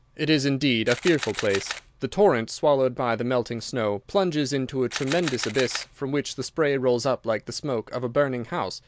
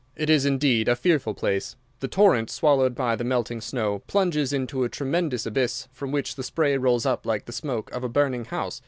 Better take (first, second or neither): second